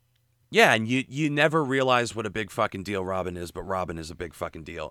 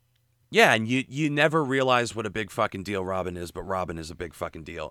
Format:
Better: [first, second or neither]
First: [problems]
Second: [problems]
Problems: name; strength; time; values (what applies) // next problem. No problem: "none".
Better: neither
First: none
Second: none